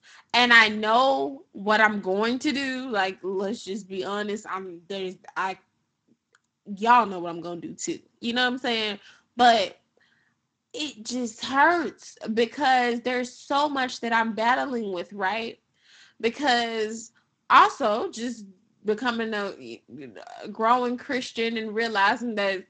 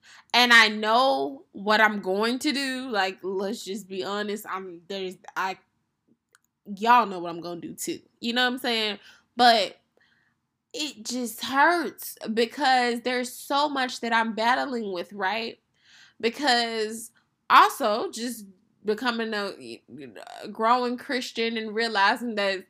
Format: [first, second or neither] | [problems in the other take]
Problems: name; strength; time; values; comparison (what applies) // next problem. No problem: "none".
second | garbled, watery; slightly; nothing above 7.5 kHz